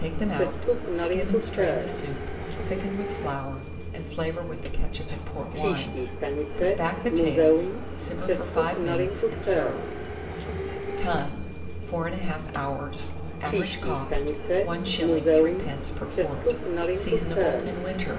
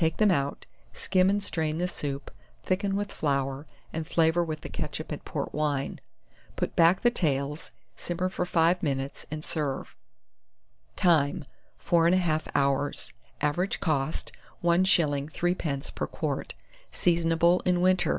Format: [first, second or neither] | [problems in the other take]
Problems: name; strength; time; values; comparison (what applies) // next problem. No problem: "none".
second | background sound (Subway, metro, underground); 3 dB above the speech // room echo; dies away in 2 s